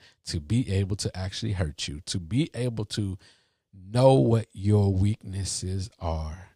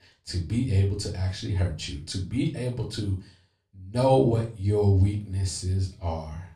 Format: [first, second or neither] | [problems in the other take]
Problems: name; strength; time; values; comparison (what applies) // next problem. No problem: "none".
first | off-mic speech; somewhat distant // room echo; slight; dies away in 0.3 s